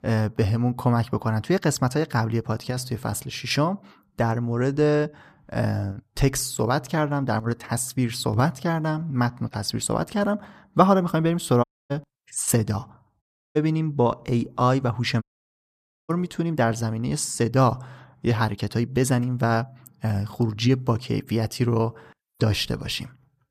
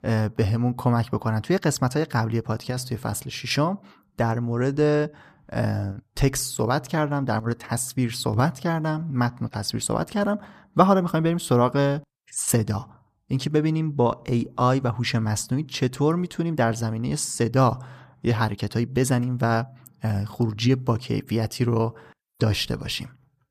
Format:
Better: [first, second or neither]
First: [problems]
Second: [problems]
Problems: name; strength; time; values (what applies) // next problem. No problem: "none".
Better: second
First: audio cutting out; at 12 s, at 13 s and at 15 s for 1 s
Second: none